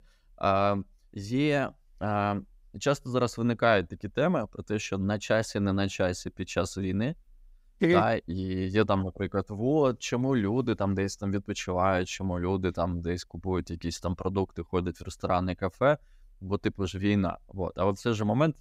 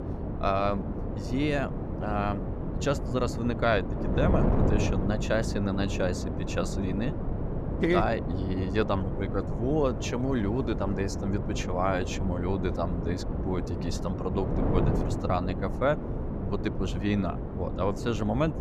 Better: first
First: none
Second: wind noise on the microphone; heavy; 6 dB below the speech

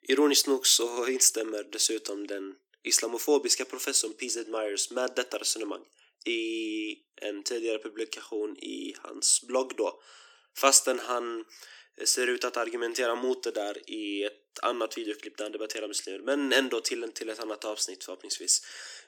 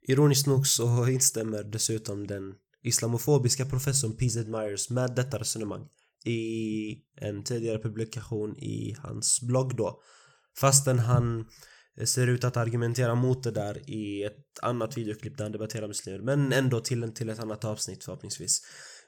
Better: second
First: thin; somewhat; fading below 250 Hz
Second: none

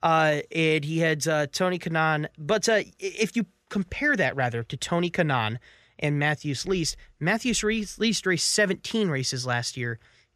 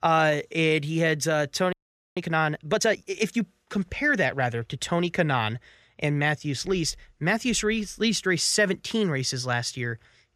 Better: first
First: none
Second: audio freezing; at 1.5 s

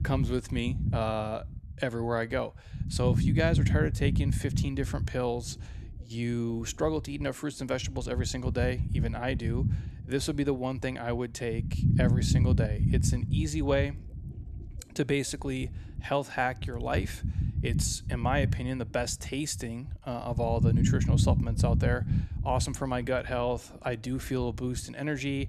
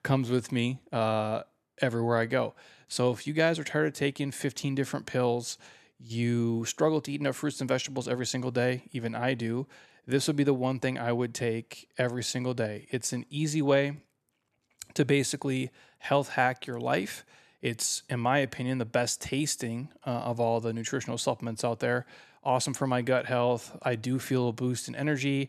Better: second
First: low rumble; loud; throughout; 8 dB below the speech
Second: none

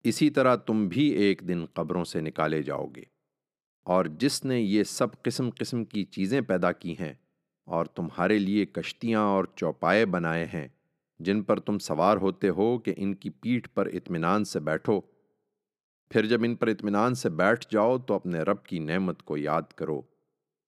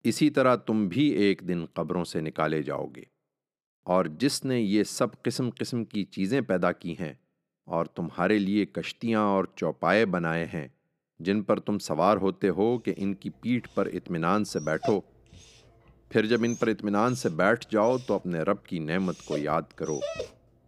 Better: first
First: none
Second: dog barking; noticeable; from 15 s on; peak 7 dB below the speech

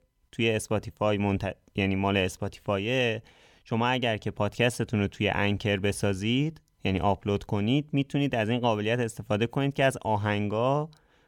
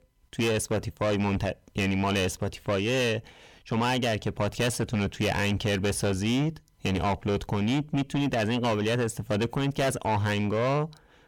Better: first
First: none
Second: distortion; heavy; 6 dB below the speech

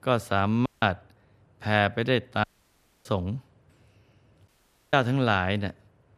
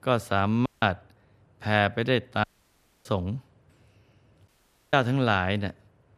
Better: neither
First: audio cutting out; at 0.5 s, at 2.5 s for 0.5 s and at 4.5 s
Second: audio cutting out; at 0.5 s, at 2.5 s for 0.5 s and at 4.5 s

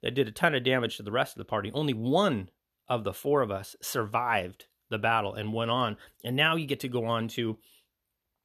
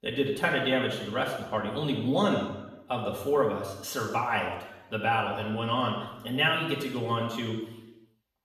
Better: first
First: none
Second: room echo; noticeable; dies away in 0.9 s // off-mic speech; far

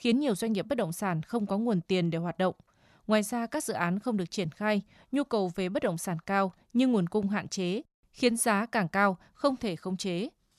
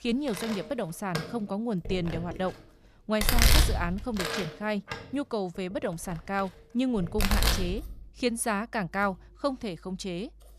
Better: first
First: none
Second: household noises; very loud; throughout; 2 dB above the speech

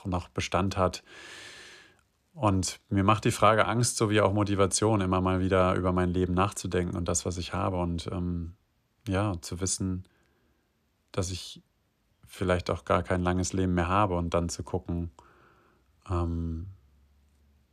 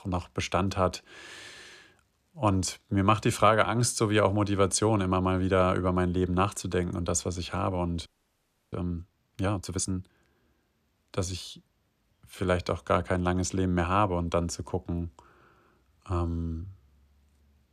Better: first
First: none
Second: audio freezing; at 8 s for 0.5 s

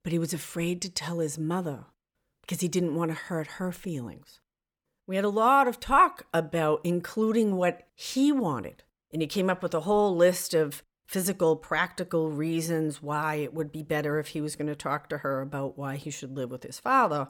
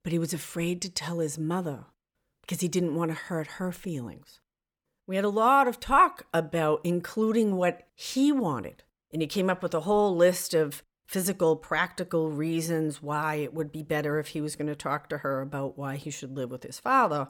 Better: neither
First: none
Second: none

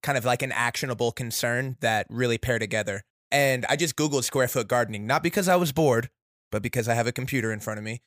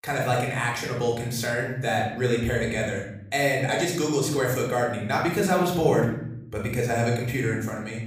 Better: first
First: none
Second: off-mic speech; far // room echo; noticeable; dies away in 1 s

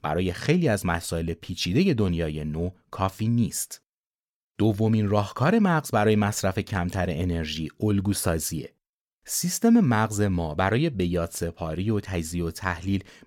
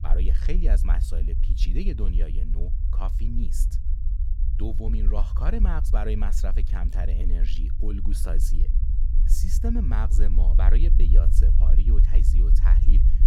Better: first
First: none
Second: low rumble; loud; throughout; 7 dB below the speech

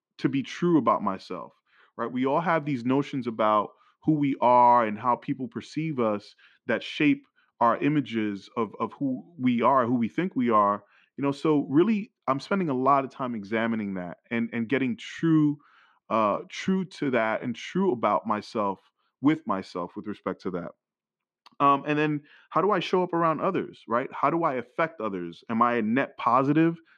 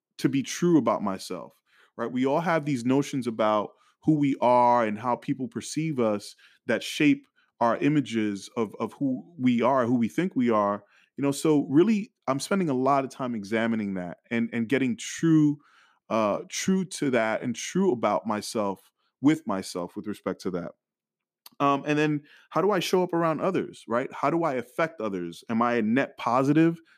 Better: second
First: muffled; slightly; fading above 3 kHz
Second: none

